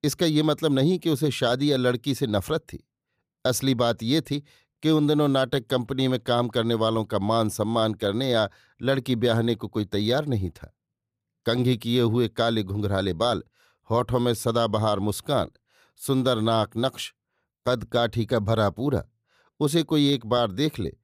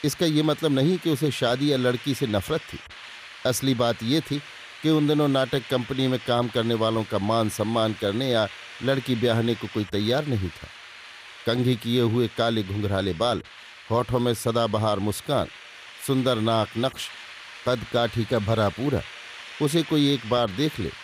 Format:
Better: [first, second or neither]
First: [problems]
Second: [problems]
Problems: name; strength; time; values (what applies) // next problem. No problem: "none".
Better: first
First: none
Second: hiss; noticeable; throughout; 15 dB below the speech